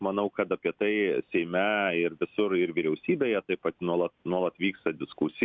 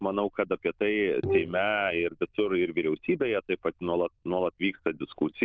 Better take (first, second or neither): first